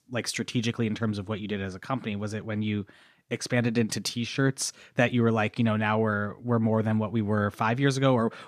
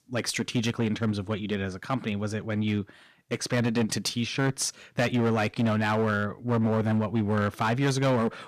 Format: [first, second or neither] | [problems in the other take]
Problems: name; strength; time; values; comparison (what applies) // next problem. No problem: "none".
first | distortion; slight; 10% of the sound clipped